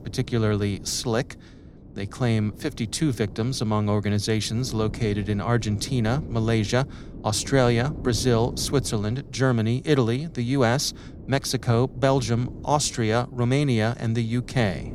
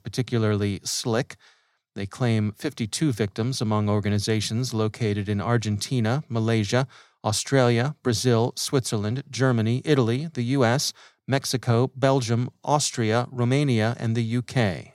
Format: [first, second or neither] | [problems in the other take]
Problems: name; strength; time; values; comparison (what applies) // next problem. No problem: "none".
second | wind noise on the microphone; occasional gusts; 20 dB below the speech